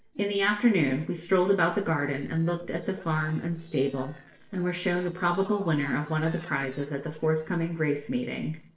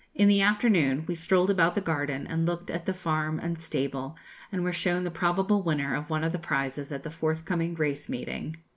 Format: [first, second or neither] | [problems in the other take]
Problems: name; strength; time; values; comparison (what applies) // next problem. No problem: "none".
second | noise reduction (neural separator model SepFormer DNS4)